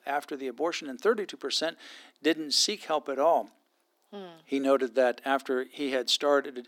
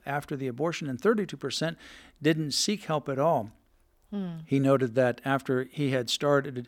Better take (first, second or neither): second